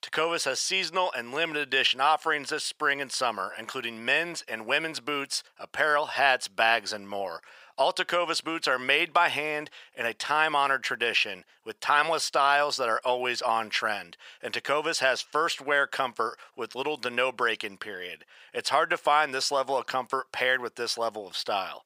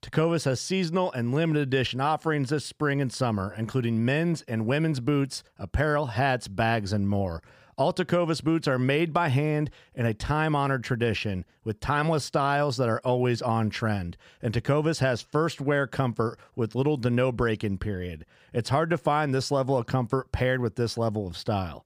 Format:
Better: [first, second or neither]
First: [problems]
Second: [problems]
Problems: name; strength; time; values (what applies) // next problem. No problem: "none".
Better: second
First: thin; very; fading below 750 Hz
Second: none